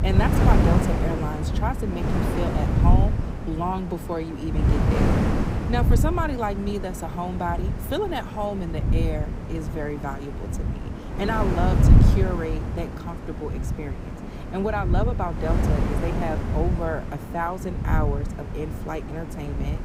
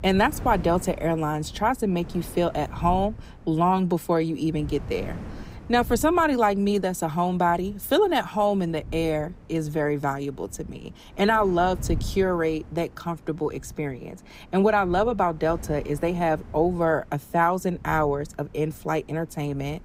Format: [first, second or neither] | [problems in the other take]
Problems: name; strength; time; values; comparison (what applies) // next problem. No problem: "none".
second | wind noise on the microphone; heavy; 3 dB below the speech; occasional gusts in the second